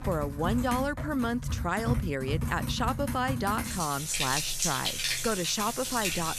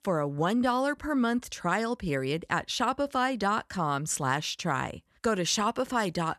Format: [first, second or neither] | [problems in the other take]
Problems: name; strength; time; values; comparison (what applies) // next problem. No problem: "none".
second | household noises; loud; throughout; 1 dB below the speech